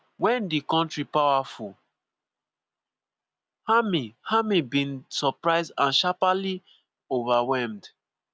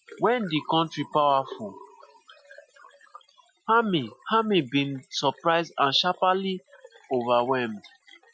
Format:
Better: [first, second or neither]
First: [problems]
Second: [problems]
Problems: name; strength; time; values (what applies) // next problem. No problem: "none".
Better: first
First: none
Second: noise reduction (classical method Wiener filter)